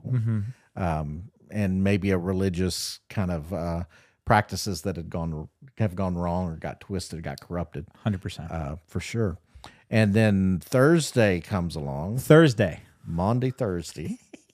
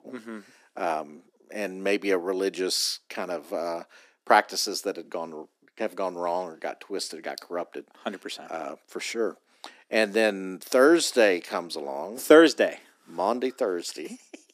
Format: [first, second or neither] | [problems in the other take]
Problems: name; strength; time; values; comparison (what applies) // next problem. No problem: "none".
first | thin; somewhat; fading below 250 Hz